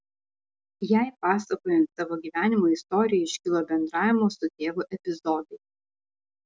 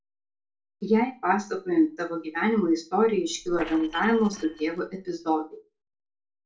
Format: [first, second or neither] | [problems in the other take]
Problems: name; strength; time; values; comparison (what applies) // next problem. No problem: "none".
first | noise reduction (neural separator model SepFormer DNS4)